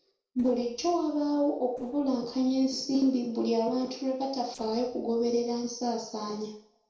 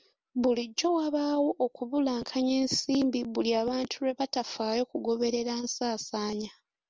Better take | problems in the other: second | noise reduction (neural separator model SepFormer DNS4)

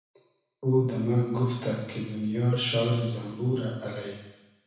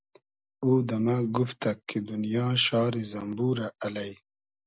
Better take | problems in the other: second | background sound (Cowbell); 16 dB below the speech // room echo; dies away in 1.1 s

